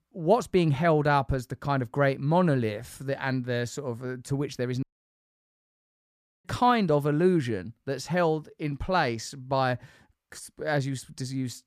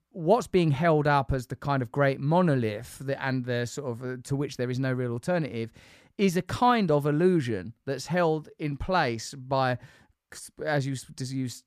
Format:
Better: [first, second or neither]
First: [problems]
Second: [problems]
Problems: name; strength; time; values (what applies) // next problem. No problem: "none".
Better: second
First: audio cutting out; at 5 s for 1.5 s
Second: none